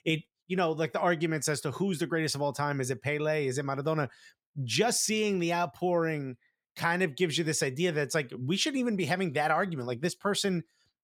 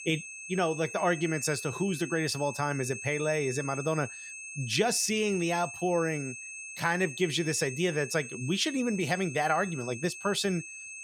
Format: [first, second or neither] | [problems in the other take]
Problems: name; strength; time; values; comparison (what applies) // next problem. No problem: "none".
first | high-pitched whine; loud; throughout; 2.5 kHz, 10 dB below the speech